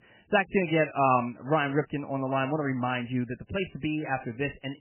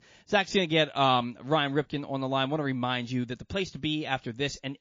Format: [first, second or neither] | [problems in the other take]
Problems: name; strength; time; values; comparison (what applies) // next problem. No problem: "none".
second | garbled, watery; badly; nothing above 3 kHz; slightly in the second